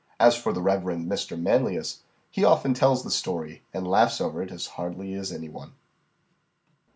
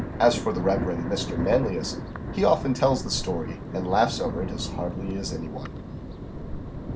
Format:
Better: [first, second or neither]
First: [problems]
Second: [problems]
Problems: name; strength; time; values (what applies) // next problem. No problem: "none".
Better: first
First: none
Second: background sound (Thunder); 5 dB below the speech